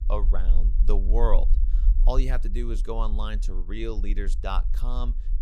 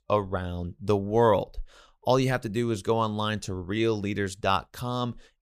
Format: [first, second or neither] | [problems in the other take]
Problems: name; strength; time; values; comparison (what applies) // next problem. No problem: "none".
second | low rumble; noticeable; throughout; 15 dB below the speech